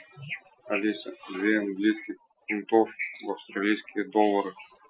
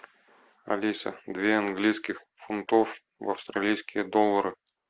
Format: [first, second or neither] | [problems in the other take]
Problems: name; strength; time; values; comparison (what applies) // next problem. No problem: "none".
second | noise reduction (classical method Wiener filter)